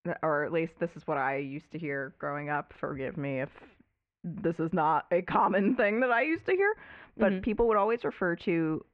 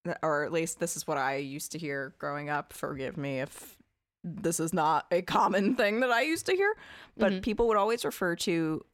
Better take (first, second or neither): second